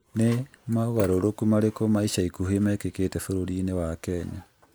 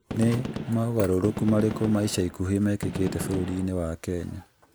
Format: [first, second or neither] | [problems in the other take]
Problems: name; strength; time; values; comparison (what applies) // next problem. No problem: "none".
first | background sound (Gunshot, gunfire); 8 dB below the speech